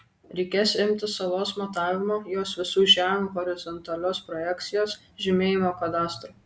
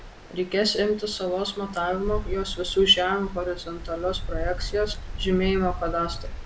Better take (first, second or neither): first